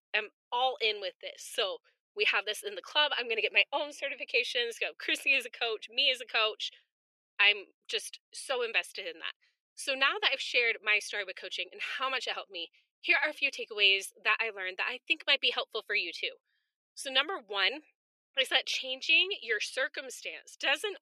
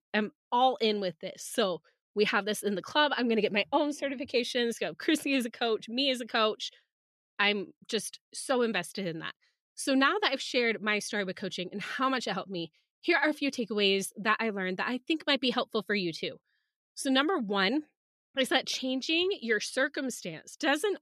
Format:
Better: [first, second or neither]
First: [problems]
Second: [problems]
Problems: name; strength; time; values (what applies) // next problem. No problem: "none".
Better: second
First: thin; very; fading below 450 Hz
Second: none